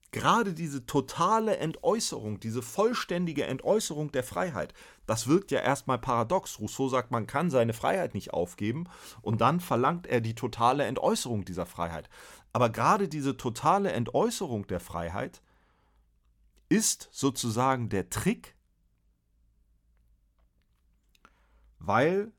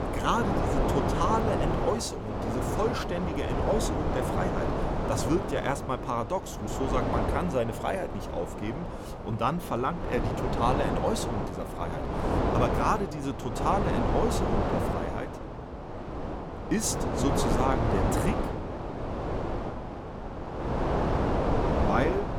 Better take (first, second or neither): first